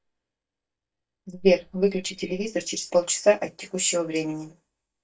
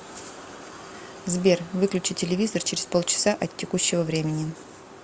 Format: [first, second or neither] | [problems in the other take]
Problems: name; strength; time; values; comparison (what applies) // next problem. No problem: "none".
second | noise reduction (neural mask model DeepFilterNet 3)